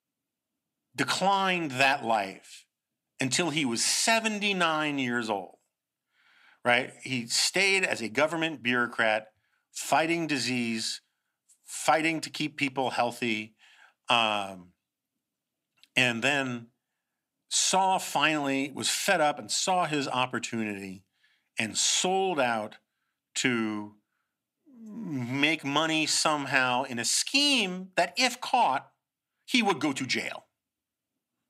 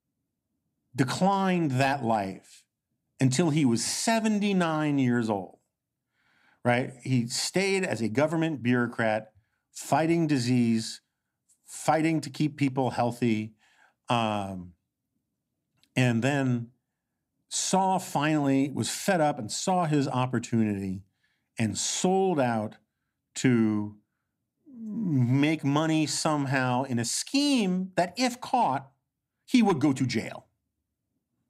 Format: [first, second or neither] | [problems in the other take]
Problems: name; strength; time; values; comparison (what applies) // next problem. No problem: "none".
second | thin; somewhat; fading below 700 Hz